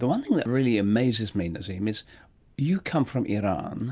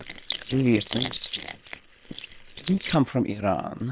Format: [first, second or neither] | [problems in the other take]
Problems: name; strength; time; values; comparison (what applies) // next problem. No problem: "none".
first | noise reduction (neural separator model SepFormer WHAM!)